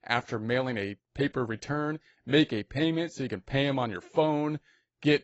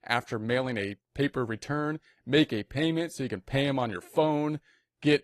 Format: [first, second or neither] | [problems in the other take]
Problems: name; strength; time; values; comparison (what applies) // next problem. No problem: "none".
second | garbled, watery; badly; nothing above 8 kHz; slightly in the second